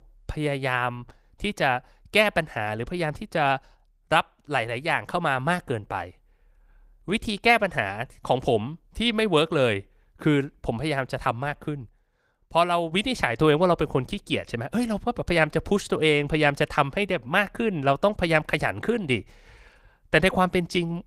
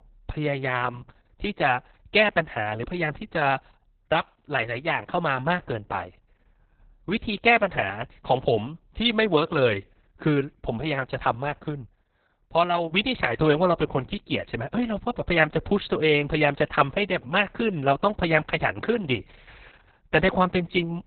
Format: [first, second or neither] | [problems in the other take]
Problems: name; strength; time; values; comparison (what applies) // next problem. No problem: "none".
first | garbled, watery; badly; nothing above 4 kHz; slightly in the first